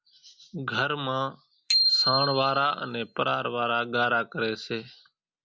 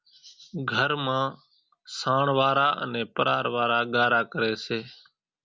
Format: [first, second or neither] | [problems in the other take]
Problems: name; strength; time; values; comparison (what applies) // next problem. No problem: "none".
second | background sound (Bicycle bell); 1 dB below the speech